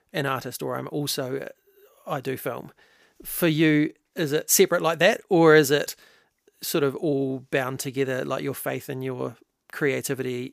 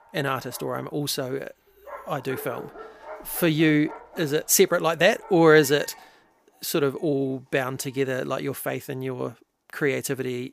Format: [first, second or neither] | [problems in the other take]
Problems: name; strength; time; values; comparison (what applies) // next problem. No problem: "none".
first | animal sounds; noticeable; throughout; 20 dB below the speech